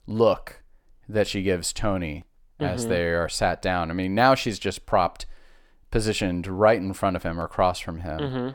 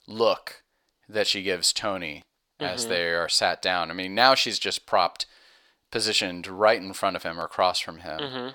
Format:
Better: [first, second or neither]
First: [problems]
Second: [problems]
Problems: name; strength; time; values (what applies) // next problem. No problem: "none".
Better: first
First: none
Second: thin; somewhat; fading below 750 Hz